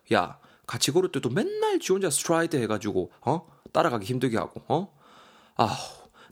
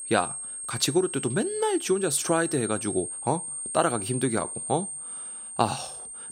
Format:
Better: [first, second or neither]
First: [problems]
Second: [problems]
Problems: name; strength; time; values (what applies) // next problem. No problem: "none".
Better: first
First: none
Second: high-pitched whine; loud; throughout; 8.5 kHz, 5 dB below the speech